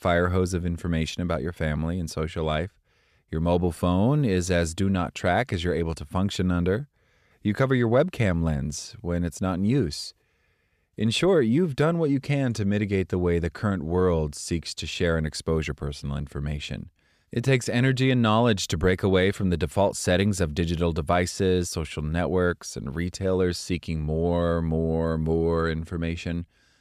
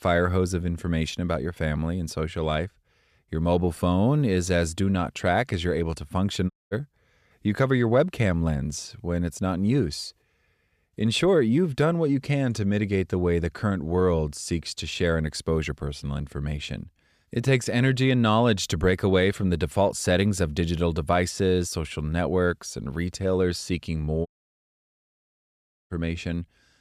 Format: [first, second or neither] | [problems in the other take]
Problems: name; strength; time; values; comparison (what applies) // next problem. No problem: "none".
first | audio cutting out; at 6.5 s and at 24 s for 1.5 s